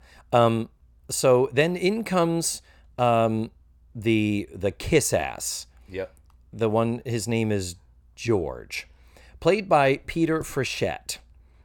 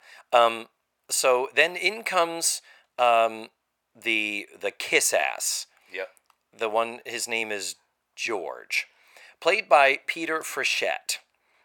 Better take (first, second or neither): first